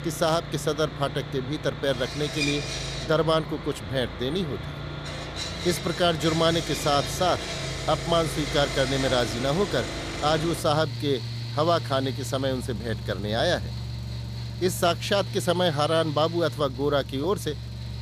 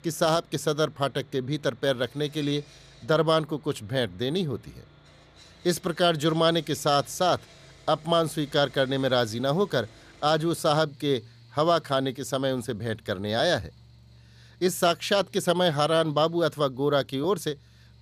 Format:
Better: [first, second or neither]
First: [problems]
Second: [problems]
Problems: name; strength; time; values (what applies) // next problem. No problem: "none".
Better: second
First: machinery noise; loud; throughout; 7 dB below the speech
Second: machinery noise; faint; throughout; 25 dB below the speech